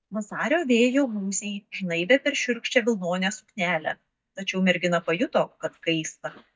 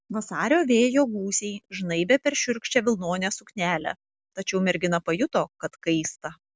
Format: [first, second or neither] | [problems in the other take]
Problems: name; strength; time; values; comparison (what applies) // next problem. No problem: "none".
second | noise reduction (neural mask model DeepFilterNet 3)